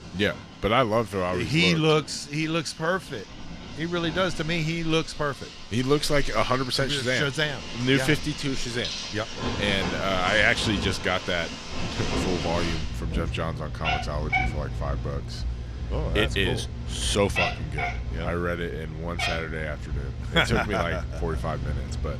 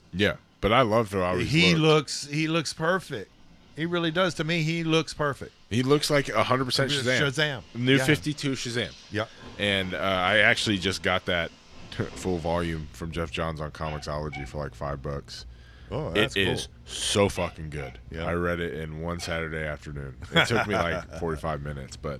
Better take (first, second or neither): second